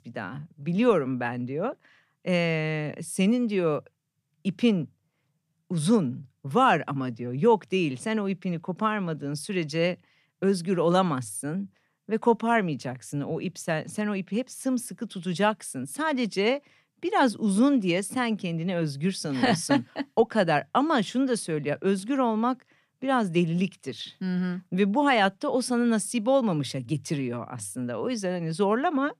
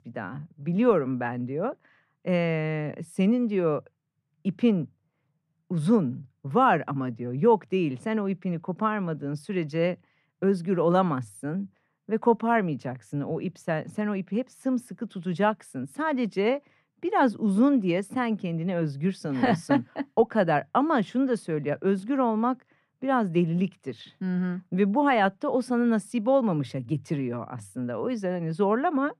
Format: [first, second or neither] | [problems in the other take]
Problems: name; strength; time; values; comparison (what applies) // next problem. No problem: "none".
first | muffled; slightly; fading above 2.5 kHz